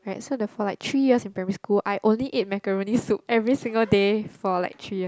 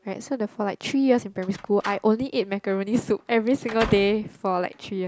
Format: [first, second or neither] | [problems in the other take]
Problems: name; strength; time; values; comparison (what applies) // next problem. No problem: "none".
first | background sound (Slam); 15 dB below the speech